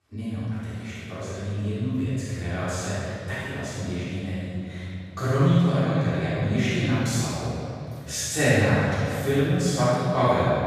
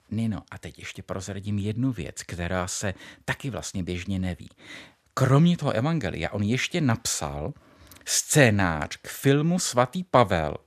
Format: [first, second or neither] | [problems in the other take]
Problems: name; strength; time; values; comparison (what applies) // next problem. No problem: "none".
second | room echo; strong; dies away in 2.6 s // off-mic speech; far